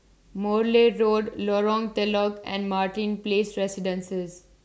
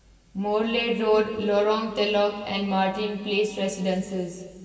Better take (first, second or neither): first